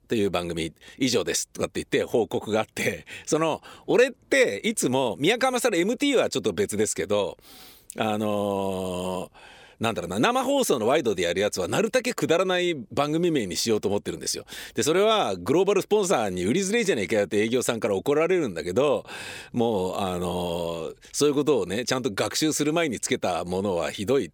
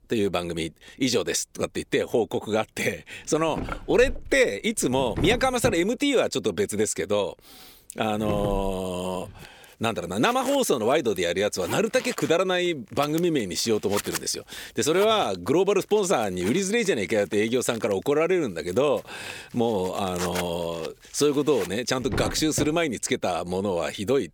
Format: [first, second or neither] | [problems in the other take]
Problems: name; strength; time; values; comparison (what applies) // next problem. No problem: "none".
first | household noises; noticeable; throughout; 10 dB below the speech